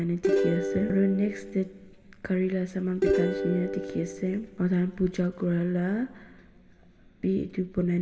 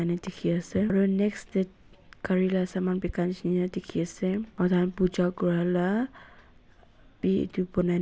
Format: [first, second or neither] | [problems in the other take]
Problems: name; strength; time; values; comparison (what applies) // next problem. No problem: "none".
second | background sound (Plucked string instrument); 1 dB below the speech // room echo; dies away in 2 s